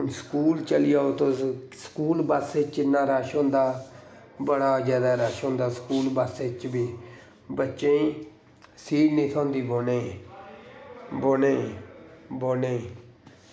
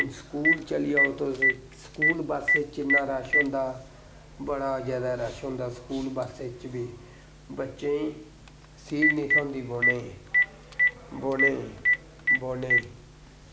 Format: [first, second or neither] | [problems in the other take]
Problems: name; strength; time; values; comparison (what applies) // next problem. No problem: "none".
first | background sound (Telephone); 3 dB above the speech